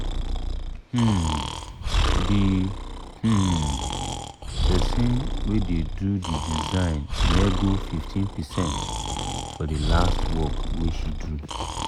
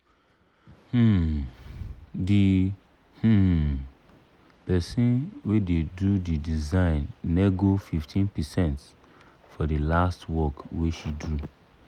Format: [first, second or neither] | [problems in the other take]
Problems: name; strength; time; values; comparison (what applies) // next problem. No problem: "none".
second | background sound (Breathing); as loud as the speech